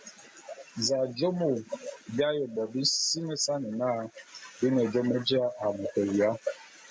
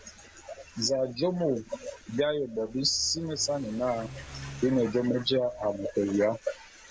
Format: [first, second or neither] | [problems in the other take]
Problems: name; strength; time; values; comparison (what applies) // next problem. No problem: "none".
first | background sound (Accelerating, revving, vroom / Car); 19 dB below the speech